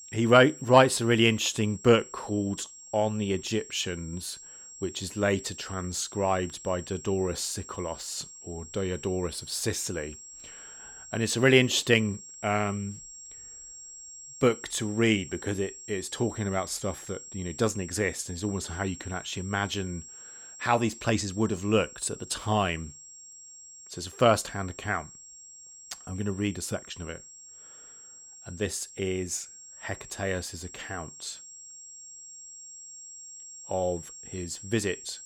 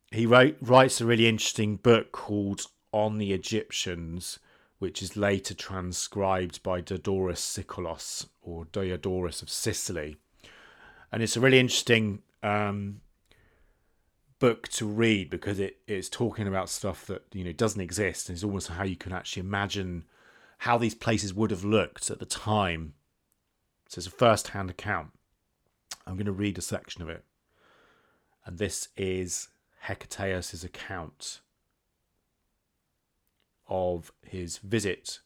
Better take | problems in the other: second | high-pitched whine; noticeable; throughout; 7.5 kHz, 15 dB below the speech

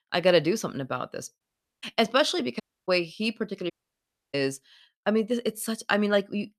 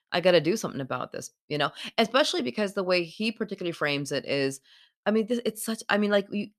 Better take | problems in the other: second | audio cutting out; at 1.5 s, at 2.5 s and at 3.5 s for 0.5 s

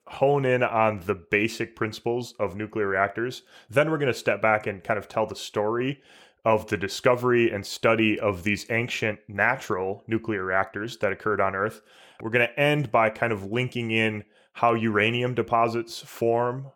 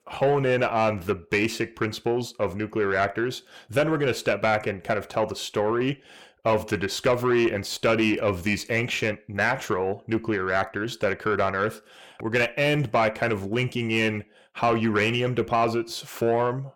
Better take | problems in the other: first | distortion; slight; 10 dB below the speech

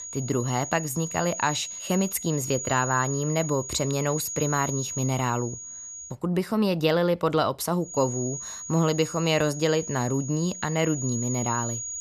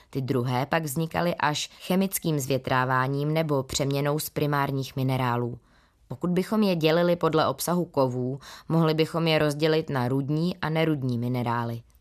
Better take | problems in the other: second | high-pitched whine; loud; until 6 s and from 8 s on; 6.5 kHz, 7 dB below the speech

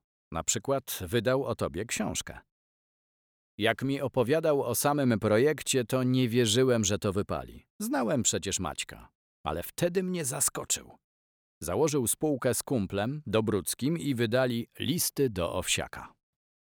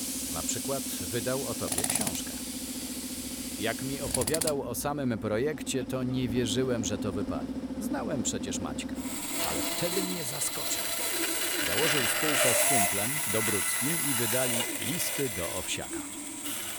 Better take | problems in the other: first | machinery noise; very loud; throughout; 4 dB above the speech

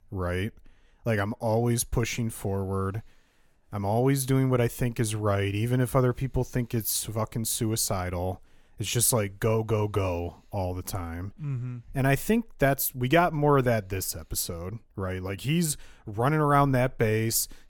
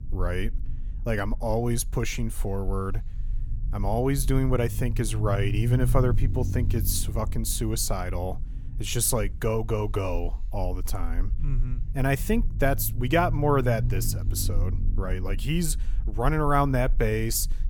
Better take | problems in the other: first | low rumble; noticeable; throughout; 15 dB below the speech

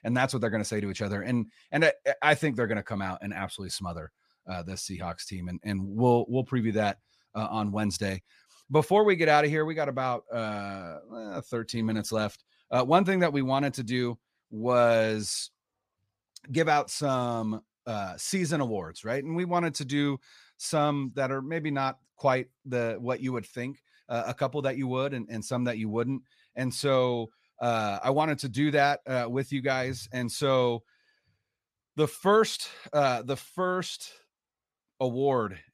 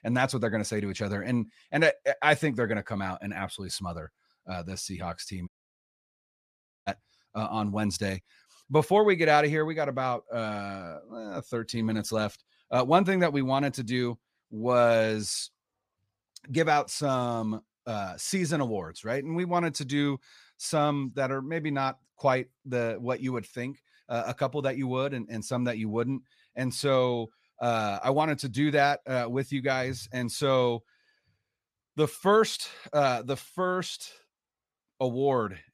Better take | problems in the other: first | audio cutting out; at 5.5 s for 1.5 s

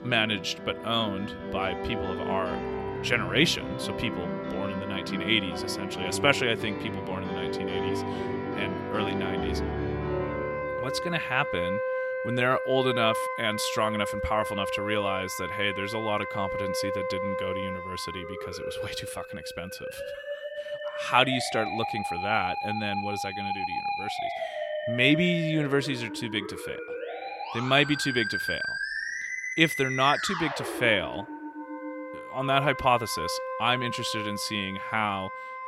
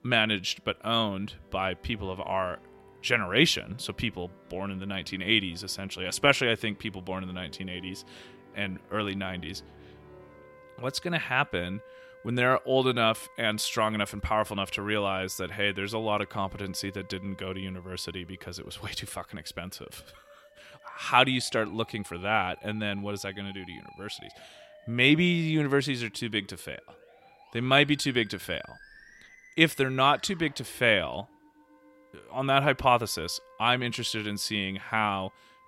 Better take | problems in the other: second | background music; loud; throughout; 5 dB below the speech; faint in the second

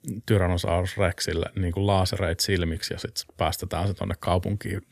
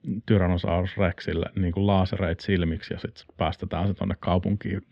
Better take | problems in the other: first | muffled; slightly; fading above 3 kHz

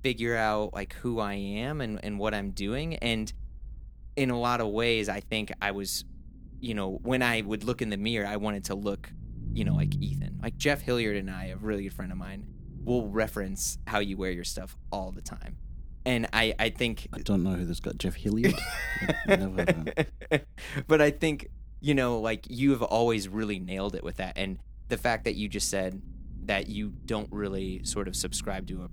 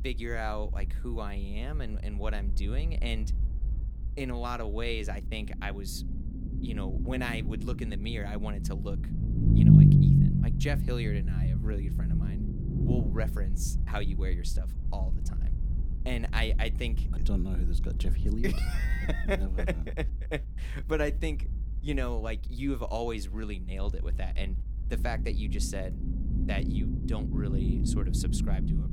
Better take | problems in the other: first | low rumble; loud; throughout; 1 dB below the speech; faint in the first

